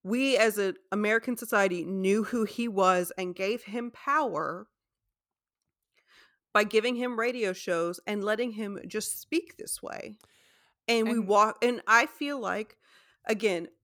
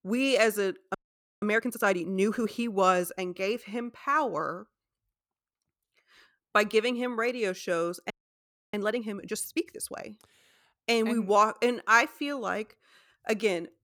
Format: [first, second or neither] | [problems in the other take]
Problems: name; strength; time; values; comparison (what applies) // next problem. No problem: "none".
first | audio freezing; at 1 s and at 8 s for 0.5 s